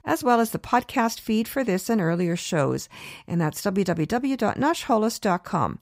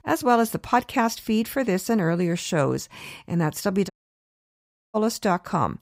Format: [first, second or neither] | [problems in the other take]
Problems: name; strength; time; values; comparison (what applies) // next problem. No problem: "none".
first | audio cutting out; at 4 s for 1 s